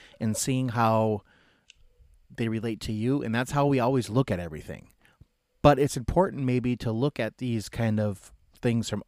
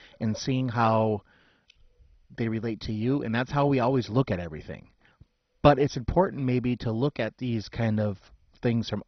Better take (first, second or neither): first